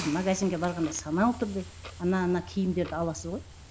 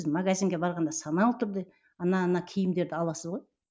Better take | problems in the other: second | background sound (Hiss + Clock); 14 dB below the speech

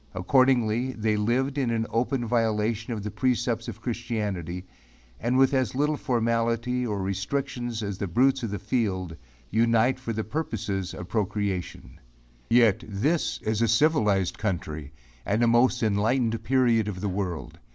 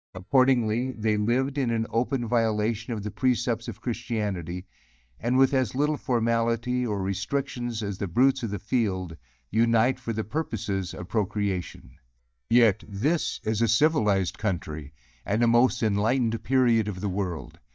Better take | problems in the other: first | noise reduction (neural mask model DeepFilterNet 3)

